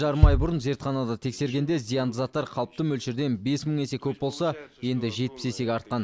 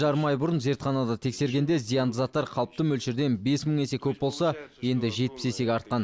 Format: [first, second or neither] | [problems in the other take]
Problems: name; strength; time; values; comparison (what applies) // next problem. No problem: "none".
second | background sound (Bass drum); 2 dB above the speech